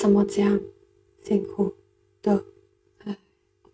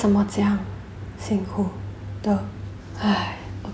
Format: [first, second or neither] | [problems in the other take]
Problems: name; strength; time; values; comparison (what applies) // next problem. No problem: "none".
second | noise reduction (neural mask model RNNoise)